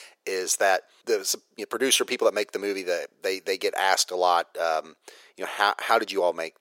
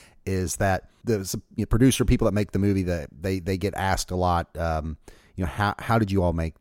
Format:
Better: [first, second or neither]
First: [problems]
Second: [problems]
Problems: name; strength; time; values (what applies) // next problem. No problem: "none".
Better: second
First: thin; very; fading below 450 Hz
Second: none